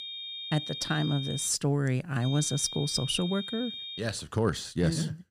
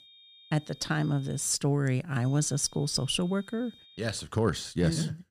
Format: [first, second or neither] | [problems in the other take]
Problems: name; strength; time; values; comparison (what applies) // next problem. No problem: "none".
second | high-pitched whine; loud; until 1.5 s and from 2 to 4 s; 3.5 kHz, 7 dB below the speech; faint in the second